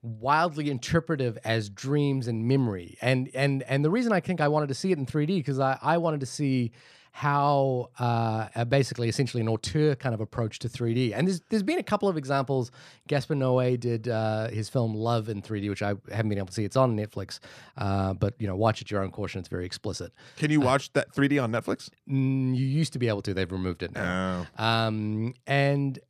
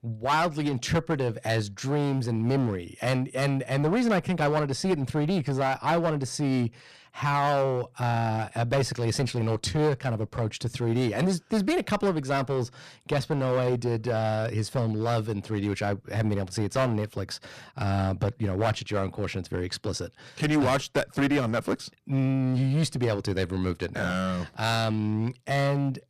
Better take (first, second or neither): first